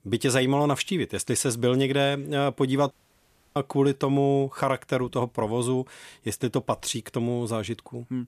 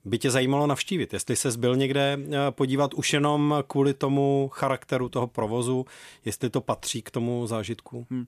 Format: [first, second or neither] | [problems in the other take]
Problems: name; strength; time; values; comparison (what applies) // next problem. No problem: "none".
second | audio cutting out; at 3 s for 0.5 s